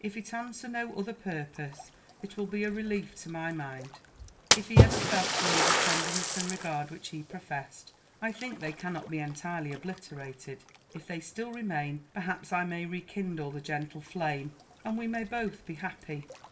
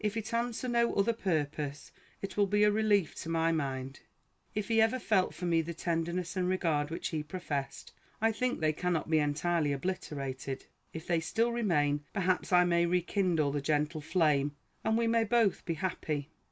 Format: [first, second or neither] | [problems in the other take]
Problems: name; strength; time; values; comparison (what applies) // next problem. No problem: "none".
second | background sound (Splash, splatter); 2 dB above the speech // room echo; dies away in 0.3 s